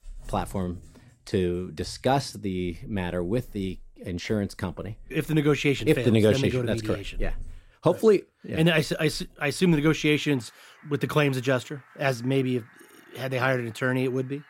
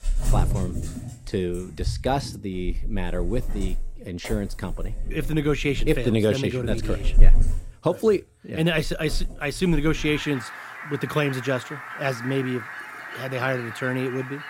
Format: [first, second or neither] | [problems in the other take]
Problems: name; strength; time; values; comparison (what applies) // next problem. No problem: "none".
first | animal sounds; loud; throughout; 5 dB below the speech; faint in the first